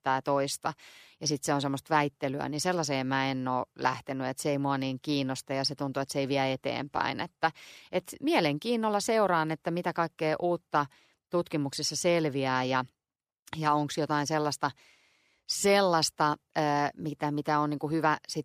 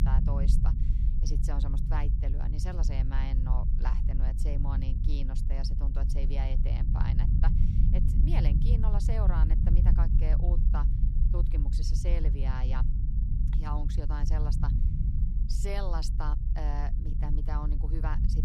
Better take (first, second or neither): first